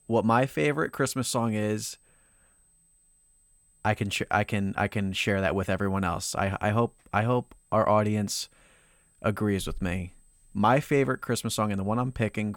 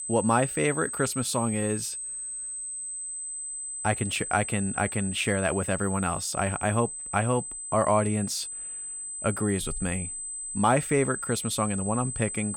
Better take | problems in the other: first | high-pitched whine; loud; throughout; 8 kHz, 5 dB below the speech; faint in the first

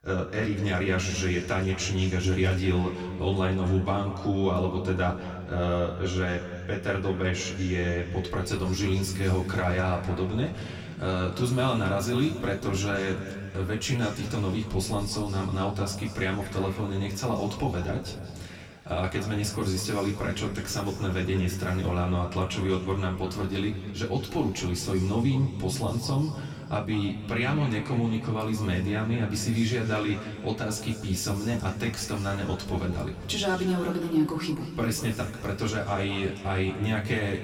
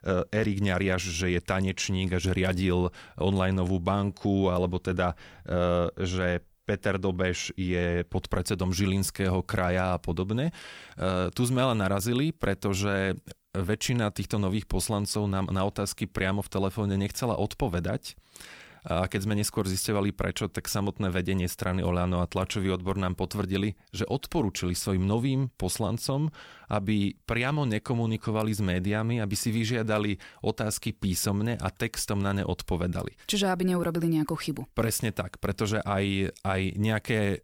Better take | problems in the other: second | room echo; slight; dies away in 2.3 s // off-mic speech; far

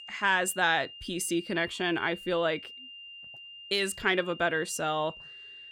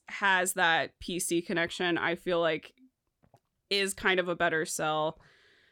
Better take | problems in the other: second | high-pitched whine; noticeable; throughout; 3 kHz, 15 dB below the speech

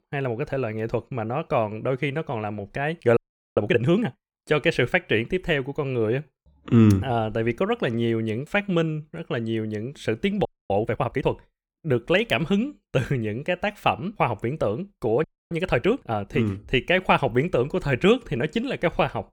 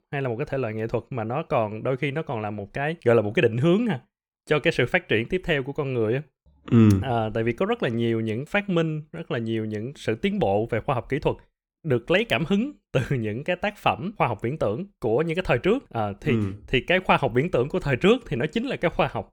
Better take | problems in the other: second | audio freezing; at 3 s, at 10 s and at 15 s

